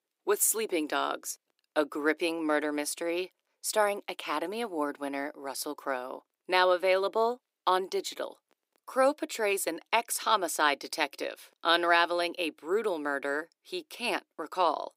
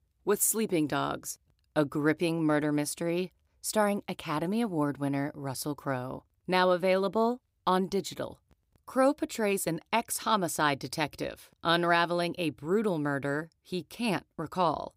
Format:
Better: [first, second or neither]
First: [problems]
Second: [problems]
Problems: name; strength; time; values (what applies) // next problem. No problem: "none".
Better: second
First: thin; somewhat; fading below 350 Hz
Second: none